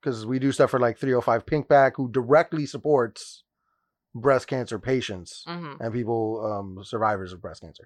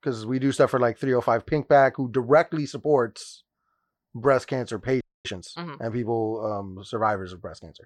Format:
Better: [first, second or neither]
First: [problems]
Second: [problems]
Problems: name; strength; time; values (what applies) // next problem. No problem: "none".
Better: first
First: none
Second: audio freezing; at 5 s